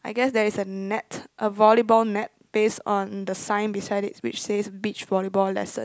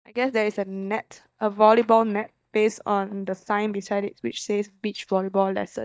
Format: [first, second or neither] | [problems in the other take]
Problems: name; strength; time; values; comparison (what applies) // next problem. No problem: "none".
first | noise reduction (neural mask model DeepFilterNet 3)